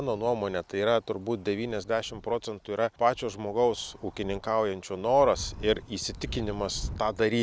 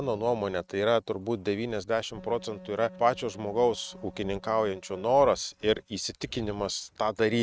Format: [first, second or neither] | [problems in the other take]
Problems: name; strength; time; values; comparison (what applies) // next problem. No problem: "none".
first | noise reduction (neural mask model RNNoise)